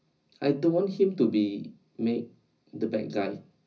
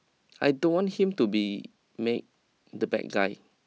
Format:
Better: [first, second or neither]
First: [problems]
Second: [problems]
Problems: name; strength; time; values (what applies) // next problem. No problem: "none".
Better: second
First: room echo; dies away in 0.4 s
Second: none